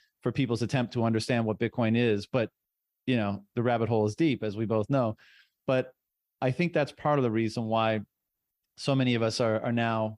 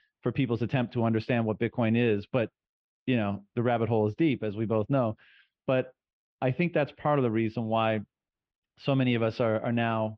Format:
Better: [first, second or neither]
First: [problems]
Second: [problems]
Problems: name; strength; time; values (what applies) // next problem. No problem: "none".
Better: first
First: none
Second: muffled; slightly; fading above 3 kHz